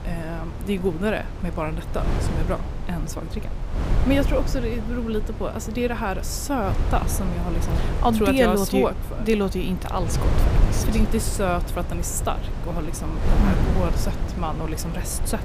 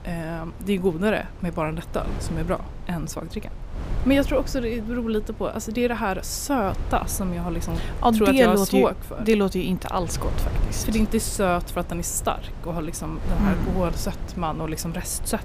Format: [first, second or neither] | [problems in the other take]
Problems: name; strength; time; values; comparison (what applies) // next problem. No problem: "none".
second | wind noise on the microphone; heavy; 8 dB below the speech; occasional gusts in the second